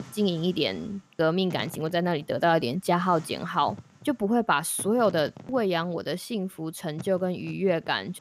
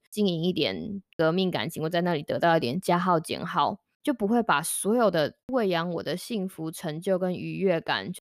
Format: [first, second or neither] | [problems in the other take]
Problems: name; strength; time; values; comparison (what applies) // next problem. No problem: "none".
second | wind noise on the microphone; occasional gusts; 25 dB below the speech